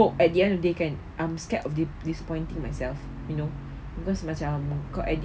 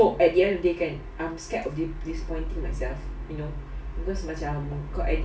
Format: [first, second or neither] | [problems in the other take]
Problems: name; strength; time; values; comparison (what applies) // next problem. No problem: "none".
first | room echo; dies away in 0.3 s